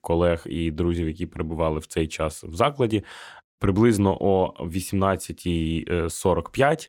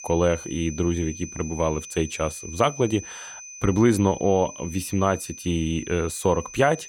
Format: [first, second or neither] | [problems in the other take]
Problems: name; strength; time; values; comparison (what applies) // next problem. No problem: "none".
first | high-pitched whine; noticeable; throughout; 6 kHz, 15 dB below the speech